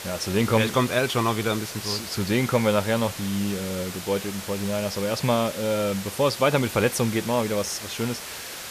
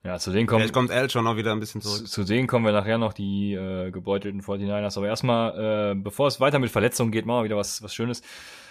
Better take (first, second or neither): second